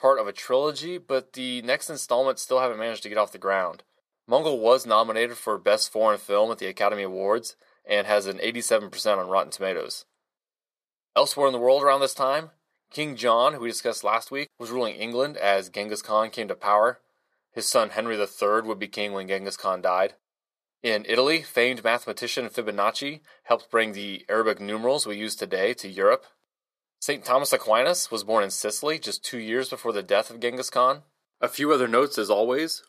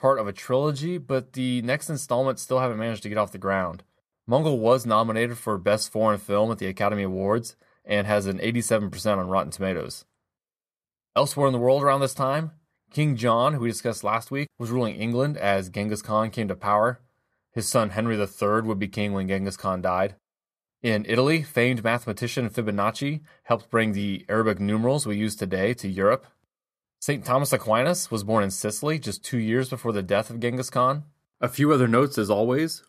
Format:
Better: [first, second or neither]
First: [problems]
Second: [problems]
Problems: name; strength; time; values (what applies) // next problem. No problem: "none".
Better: second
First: thin; somewhat; fading below 450 Hz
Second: none